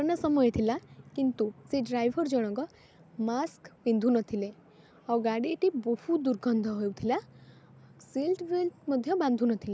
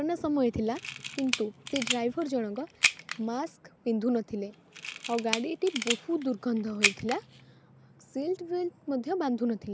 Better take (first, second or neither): first